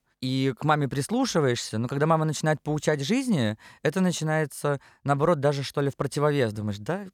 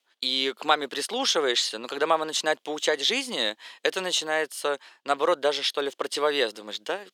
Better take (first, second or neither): first